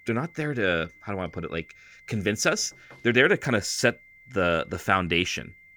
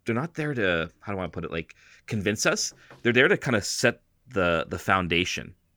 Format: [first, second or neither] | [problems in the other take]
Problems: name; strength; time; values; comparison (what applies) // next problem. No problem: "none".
second | high-pitched whine; faint; throughout; 2 kHz, 25 dB below the speech